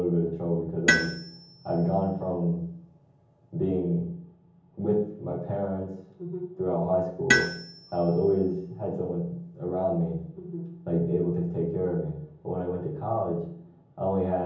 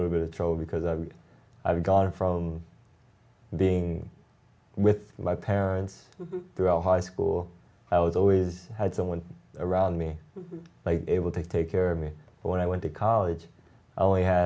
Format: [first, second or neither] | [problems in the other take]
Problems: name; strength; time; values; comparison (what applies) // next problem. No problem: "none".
second | background sound (Tools); 4 dB below the speech // room echo; dies away in 0.7 s